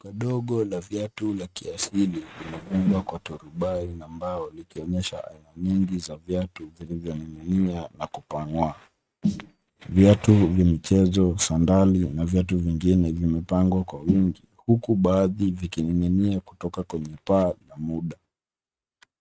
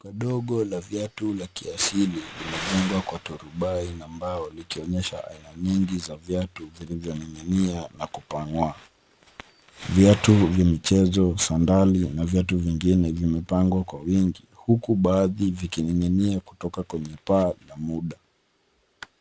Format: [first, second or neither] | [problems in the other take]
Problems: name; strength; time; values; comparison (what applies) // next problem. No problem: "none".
second | noise reduction (neural mask model RNNoise)